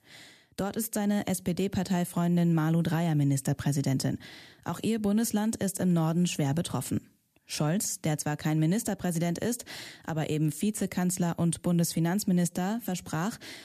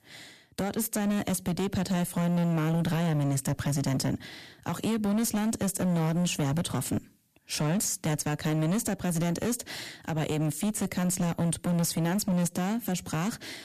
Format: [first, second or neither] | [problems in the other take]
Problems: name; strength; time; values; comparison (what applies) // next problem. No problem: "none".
first | distortion; slight; 22% of the sound clipped